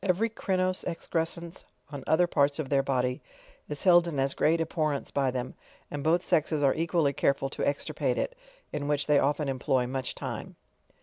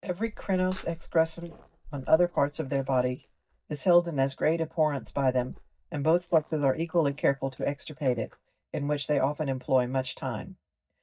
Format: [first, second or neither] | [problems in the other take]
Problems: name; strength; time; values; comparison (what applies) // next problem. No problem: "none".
first | noise reduction (neural mask model DeepFilterNet 3)